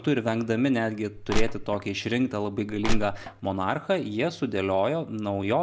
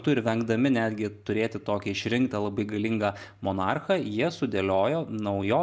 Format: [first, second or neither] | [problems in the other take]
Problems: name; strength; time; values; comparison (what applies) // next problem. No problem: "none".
second | background sound (Crushing); 2 dB above the speech